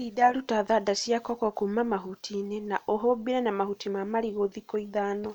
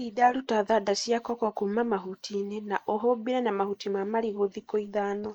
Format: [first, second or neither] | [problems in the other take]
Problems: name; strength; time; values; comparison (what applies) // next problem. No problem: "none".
first | noise reduction (neural mask model Resemble Enhance denoiser)